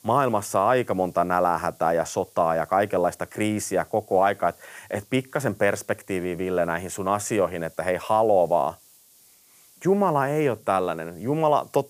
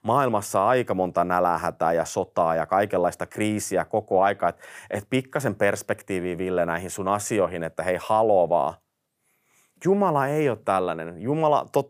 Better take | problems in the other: second | hiss; faint; throughout; 30 dB below the speech

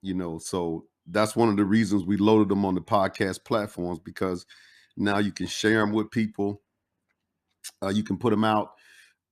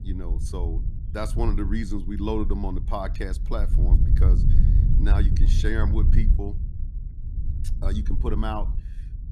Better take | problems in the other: first | low rumble; loud; throughout; 8 dB below the speech

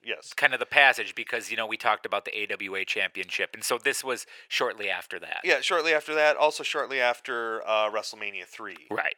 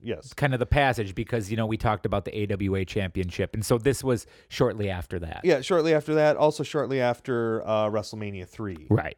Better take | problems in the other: second | thin; very; fading below 750 Hz

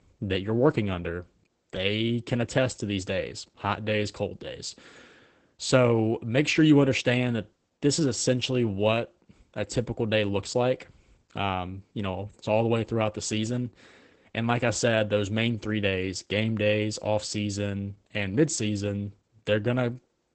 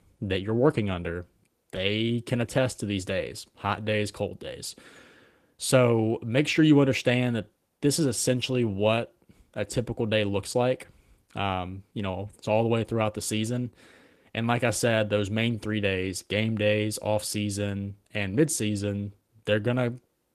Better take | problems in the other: second | garbled, watery; badly; nothing above 8 kHz; slightly in the second

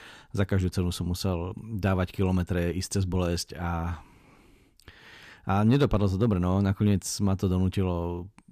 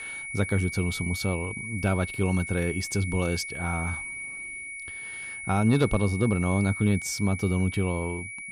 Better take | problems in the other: first | high-pitched whine; loud; throughout; 2 kHz, 7 dB below the speech

